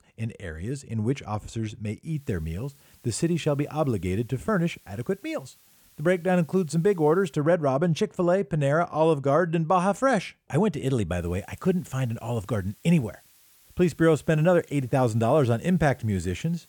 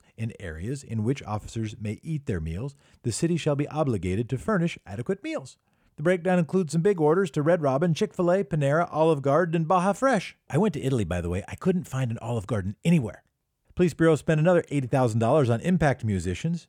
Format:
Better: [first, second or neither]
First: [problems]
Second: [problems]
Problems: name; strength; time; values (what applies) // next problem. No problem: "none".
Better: second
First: hiss; faint; from 2 to 7.5 s and from 11 s on; 30 dB below the speech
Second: none